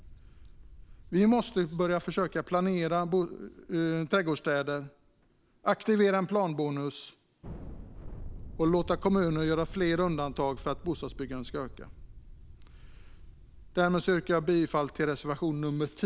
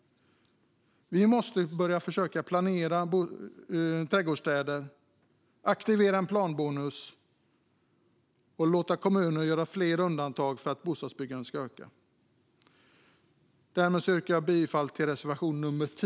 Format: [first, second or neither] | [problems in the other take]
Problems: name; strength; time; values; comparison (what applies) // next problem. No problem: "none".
second | background sound (Thunder); 16 dB below the speech